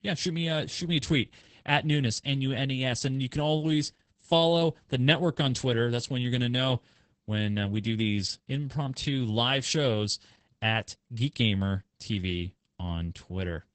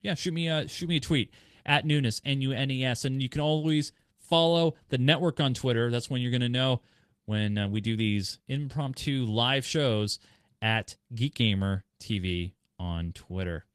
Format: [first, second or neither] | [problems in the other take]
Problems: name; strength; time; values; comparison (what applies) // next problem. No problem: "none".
second | garbled, watery; badly; nothing above 8 kHz; slightly in the second